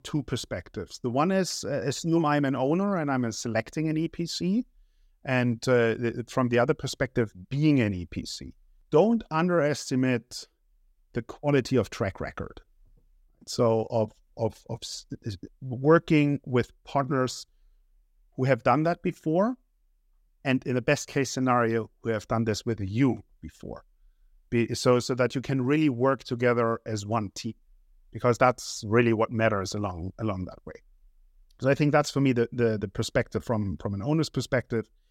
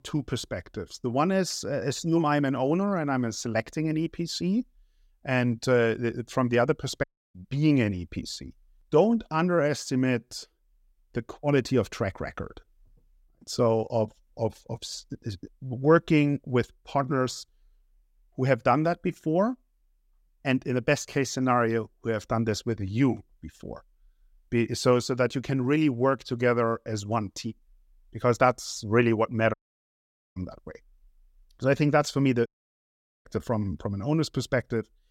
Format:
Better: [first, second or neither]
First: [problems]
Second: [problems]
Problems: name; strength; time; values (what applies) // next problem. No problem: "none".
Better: first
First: none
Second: audio cutting out; at 7 s, at 30 s for 1 s and at 32 s for 1 s